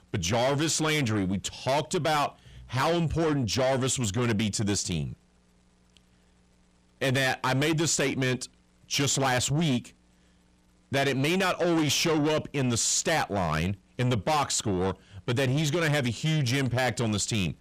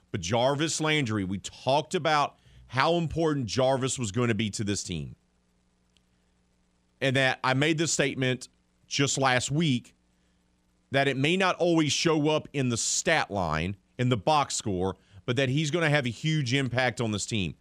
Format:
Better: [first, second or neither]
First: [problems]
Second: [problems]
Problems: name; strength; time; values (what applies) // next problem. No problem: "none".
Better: second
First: distortion; heavy; 7 dB below the speech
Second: none